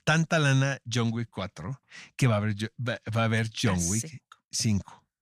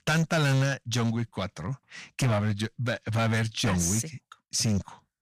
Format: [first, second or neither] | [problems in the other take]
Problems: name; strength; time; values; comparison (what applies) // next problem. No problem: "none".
first | distortion; slight; 12% of the sound clipped